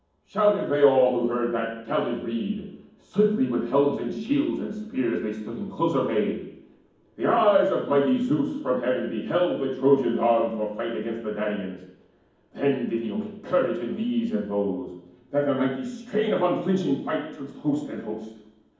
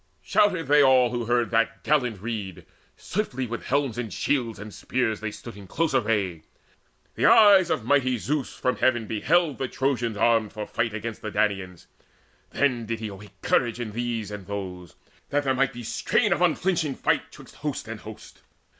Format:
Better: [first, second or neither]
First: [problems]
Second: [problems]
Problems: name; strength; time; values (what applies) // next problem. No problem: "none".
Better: second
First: room echo; dies away in 1.2 s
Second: none